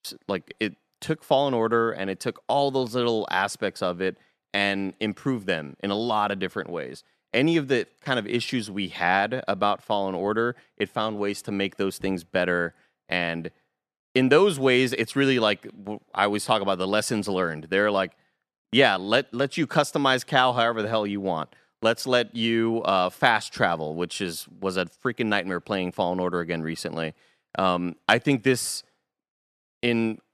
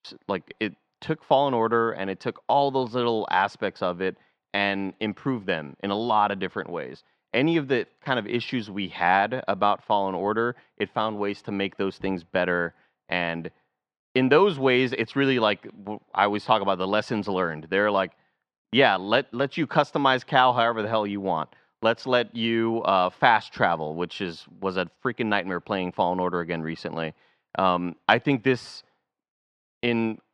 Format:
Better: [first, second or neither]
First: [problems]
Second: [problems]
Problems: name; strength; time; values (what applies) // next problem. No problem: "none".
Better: first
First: none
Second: muffled; slightly; fading above 4 kHz